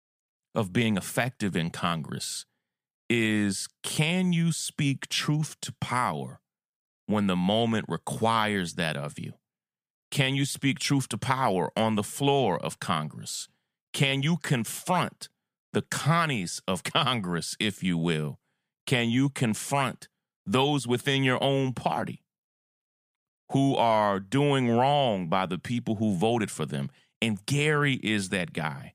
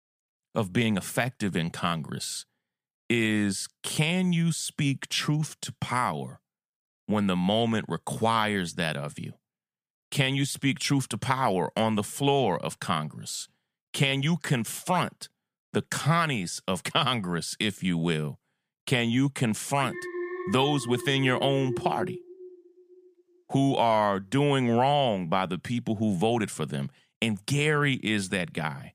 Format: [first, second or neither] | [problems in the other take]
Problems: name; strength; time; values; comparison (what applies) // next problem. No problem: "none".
first | alarm; noticeable; from 20 to 23 s; peak 7 dB below the speech